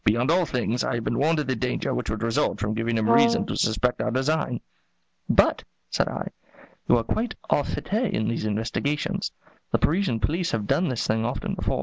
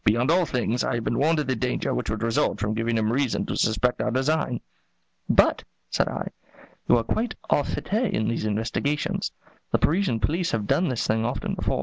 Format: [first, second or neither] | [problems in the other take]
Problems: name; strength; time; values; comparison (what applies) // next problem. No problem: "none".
second | background sound (Brass instrument); 1 dB above the speech